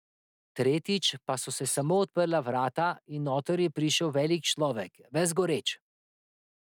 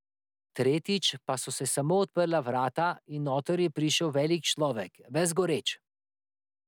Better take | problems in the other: second | noise reduction (neural mask model DeepFilterNet 3)

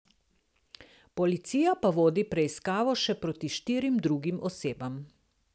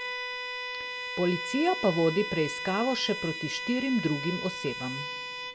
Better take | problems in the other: first | background sound (Bowed string instrument); 6 dB below the speech // room echo; dies away in 0.6 s

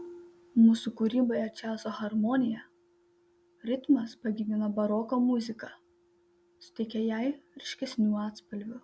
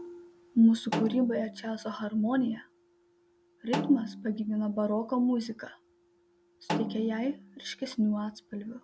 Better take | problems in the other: first | background sound (Snare drum); 9 dB below the speech

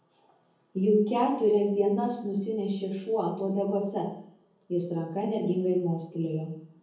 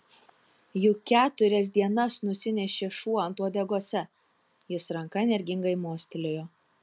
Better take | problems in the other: second | room echo; dies away in 0.7 s

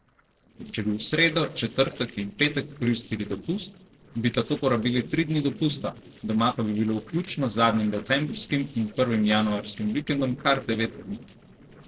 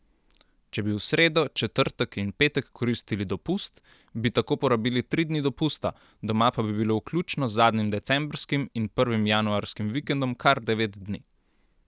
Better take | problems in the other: second | noise reduction (neural separator model SepFormer DNS4)

